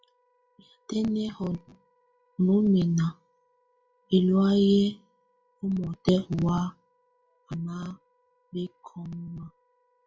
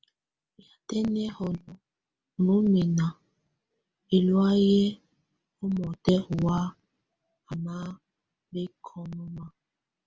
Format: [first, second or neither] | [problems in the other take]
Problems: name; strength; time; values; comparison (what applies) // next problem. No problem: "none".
second | noise reduction (classical method log-MMSE)